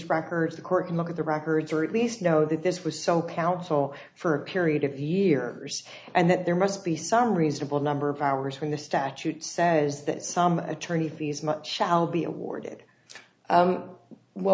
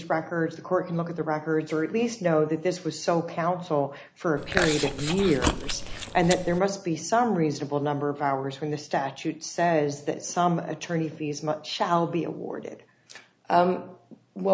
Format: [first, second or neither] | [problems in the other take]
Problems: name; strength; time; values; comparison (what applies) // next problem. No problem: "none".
first | background sound (Chewing, mastication); 3 dB below the speech